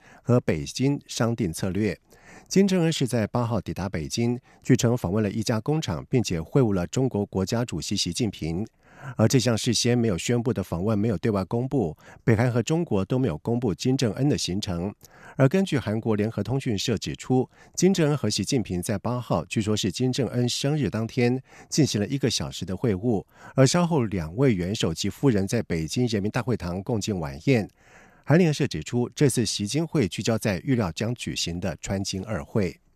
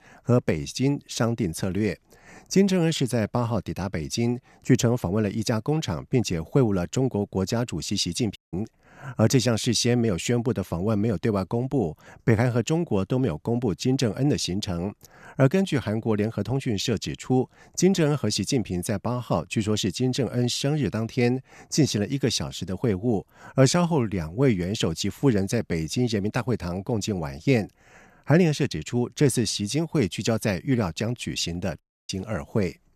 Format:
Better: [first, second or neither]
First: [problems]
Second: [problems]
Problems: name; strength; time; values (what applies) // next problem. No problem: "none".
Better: first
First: none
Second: audio cutting out; at 8.5 s and at 32 s